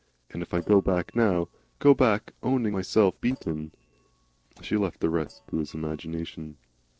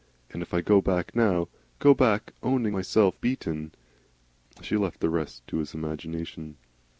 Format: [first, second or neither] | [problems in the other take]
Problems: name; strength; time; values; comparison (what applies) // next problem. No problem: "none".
second | noise reduction (neural separator model SepFormer DNS4)